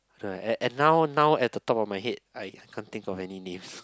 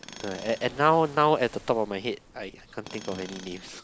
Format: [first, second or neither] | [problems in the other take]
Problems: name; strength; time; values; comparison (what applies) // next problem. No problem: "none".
first | background sound (Tools + Waves, surf); 18 dB below the speech